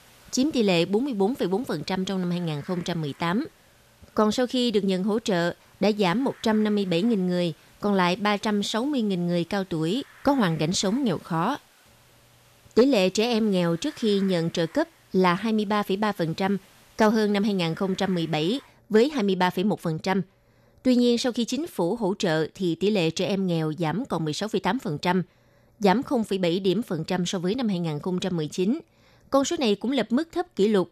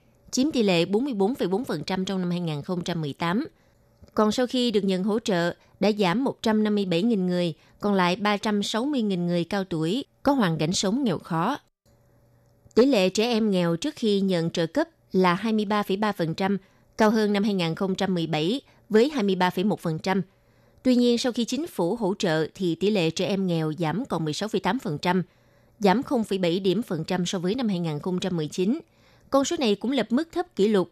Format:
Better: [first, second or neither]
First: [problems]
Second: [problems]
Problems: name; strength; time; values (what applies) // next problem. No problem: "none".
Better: second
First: hiss; faint; until 19 s; 25 dB below the speech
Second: none